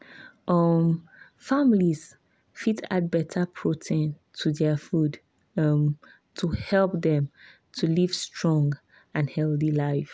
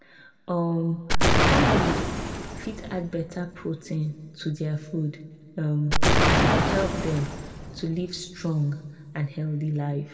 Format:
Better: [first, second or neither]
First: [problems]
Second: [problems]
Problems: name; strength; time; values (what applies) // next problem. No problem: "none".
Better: first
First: none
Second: background sound (Explosion); 3 dB above the speech // room echo; dies away in 1.7 s